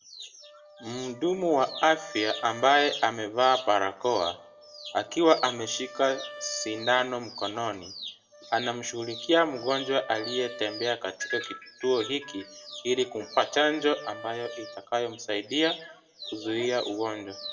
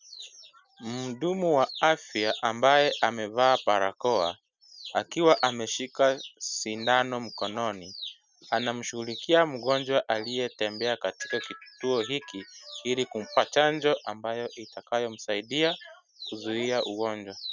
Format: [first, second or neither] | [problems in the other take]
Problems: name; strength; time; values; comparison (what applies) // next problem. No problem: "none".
second | background sound (Wind instrument, woodwind instrument); 19 dB below the speech // room echo; dies away in 0.4 s